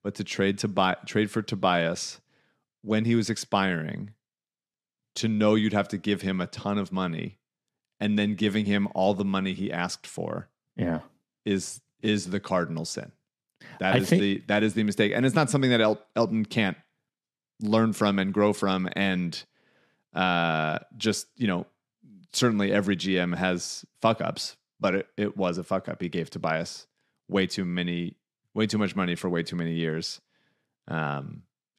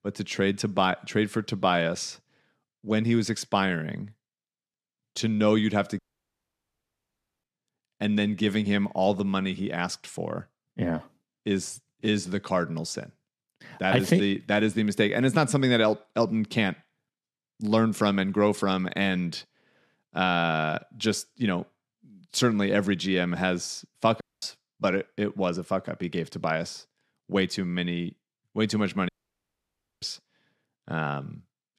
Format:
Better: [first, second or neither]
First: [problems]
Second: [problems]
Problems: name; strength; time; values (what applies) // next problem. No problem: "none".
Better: first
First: none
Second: audio cutting out; at 6 s for 1.5 s, at 24 s and at 29 s for 1 s